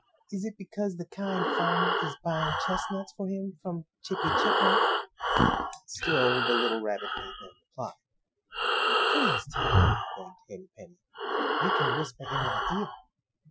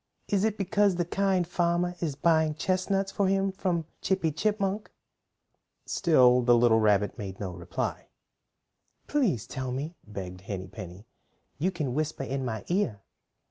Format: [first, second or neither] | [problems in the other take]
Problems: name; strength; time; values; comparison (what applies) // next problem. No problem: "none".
second | noise reduction (classical method Wiener filter)